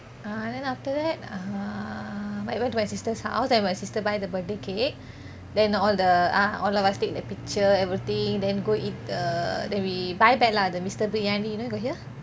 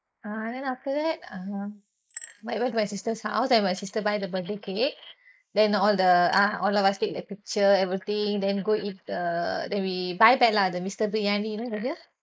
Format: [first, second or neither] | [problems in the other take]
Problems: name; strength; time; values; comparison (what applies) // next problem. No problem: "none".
first | noise reduction (neural mask model Resemble Enhance denoiser)